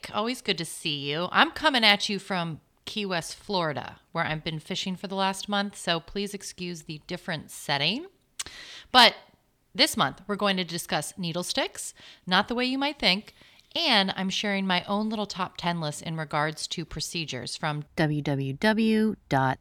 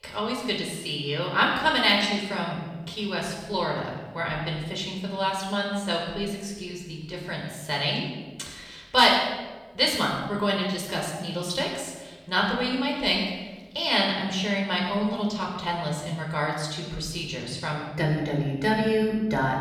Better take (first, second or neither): first